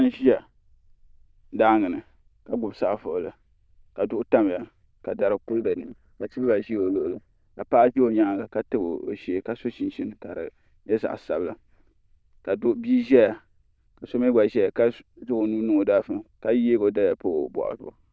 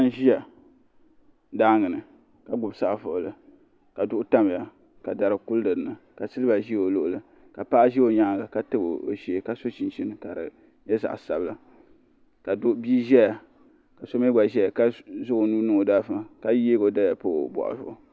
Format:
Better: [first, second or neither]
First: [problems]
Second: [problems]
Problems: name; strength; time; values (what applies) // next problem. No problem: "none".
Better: second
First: noise reduction (neural diffusion model UNIVERSE++)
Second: none